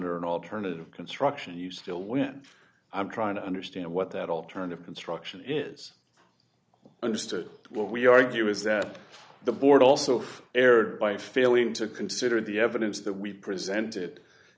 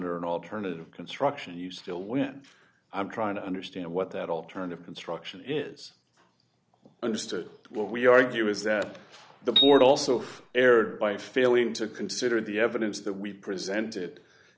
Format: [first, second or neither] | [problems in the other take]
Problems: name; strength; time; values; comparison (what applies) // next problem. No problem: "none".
first | background sound (Piano); 2 dB below the speech